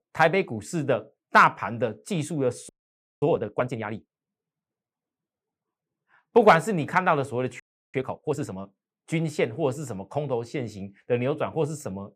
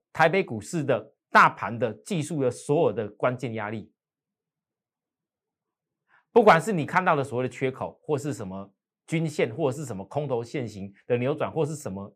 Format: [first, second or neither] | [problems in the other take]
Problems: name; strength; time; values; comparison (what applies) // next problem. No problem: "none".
second | audio freezing; at 2.5 s for 0.5 s and at 7.5 s